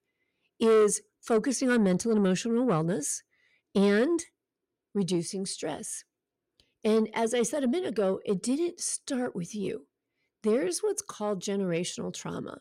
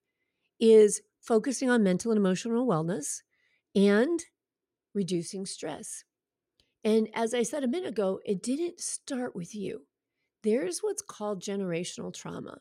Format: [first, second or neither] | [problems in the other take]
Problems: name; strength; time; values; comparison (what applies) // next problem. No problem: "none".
second | distortion; slight; 10 dB below the speech